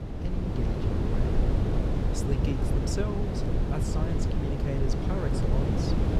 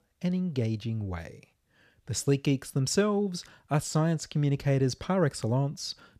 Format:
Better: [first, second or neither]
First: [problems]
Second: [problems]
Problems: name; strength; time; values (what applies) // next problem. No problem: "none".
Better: second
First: wind noise on the microphone; heavy; 4 dB above the speech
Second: none